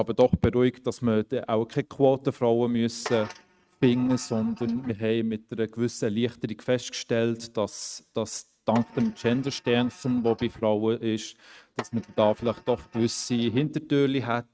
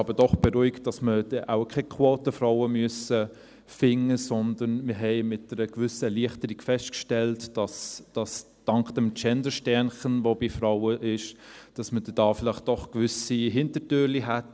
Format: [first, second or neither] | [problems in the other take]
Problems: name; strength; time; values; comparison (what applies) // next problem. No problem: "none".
second | noise reduction (neural mask model RNNoise)